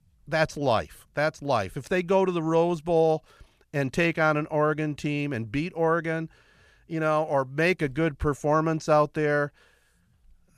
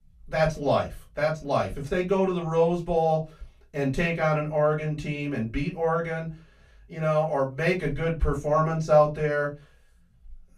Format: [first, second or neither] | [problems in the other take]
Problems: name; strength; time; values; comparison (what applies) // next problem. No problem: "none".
first | off-mic speech; far // room echo; very slight; dies away in 0.2 s